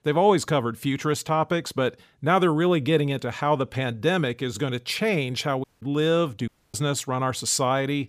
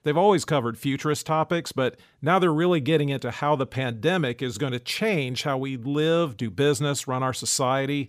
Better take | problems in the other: second | audio cutting out; at 5.5 s and at 6.5 s

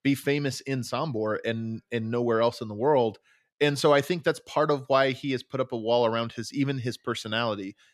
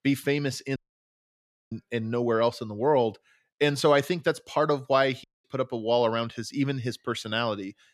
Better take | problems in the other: first | audio cutting out; at 1 s for 1 s and at 5 s

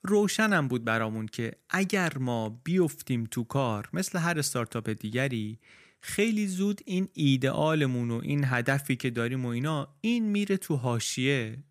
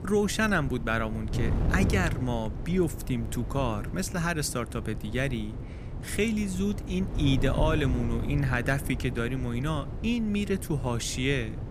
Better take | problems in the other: first | wind noise on the microphone; occasional gusts; 10 dB below the speech

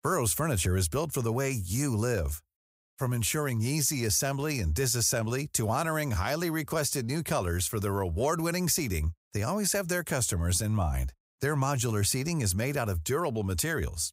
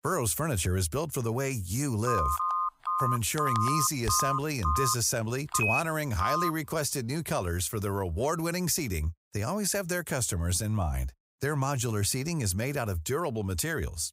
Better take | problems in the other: first | phone ringing; loud; from 2 to 6.5 s; peak 2 dB above the speech

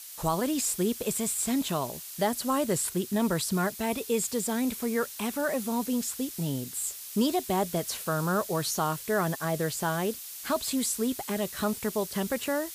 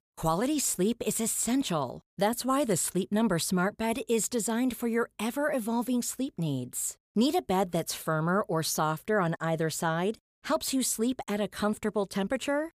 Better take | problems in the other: second | hiss; loud; throughout; 9 dB below the speech

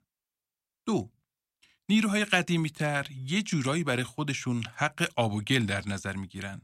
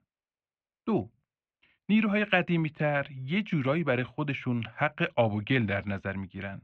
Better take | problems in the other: first | muffled; very; fading above 2.5 kHz

